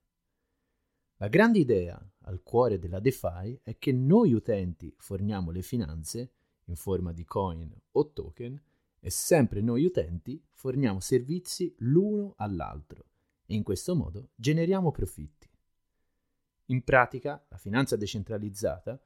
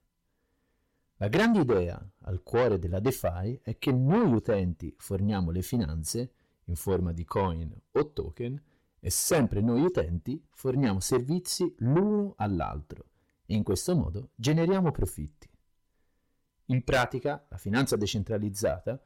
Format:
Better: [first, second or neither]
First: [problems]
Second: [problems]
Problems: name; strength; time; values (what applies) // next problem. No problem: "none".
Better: first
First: none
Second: distortion; heavy; 7 dB below the speech